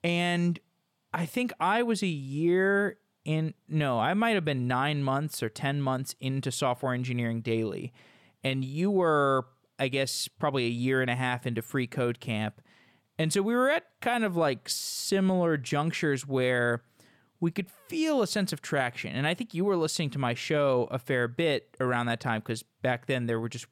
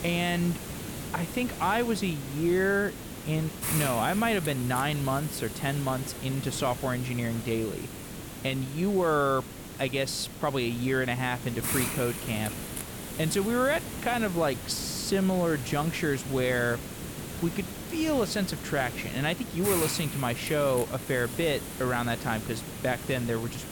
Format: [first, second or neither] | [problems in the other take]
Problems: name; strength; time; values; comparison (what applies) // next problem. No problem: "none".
first | hiss; loud; throughout; 7 dB below the speech